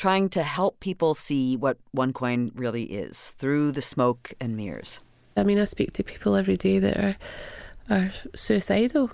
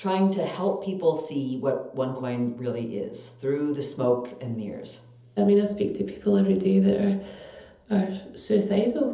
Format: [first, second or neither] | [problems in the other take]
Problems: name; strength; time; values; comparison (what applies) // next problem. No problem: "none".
first | room echo; dies away in 0.7 s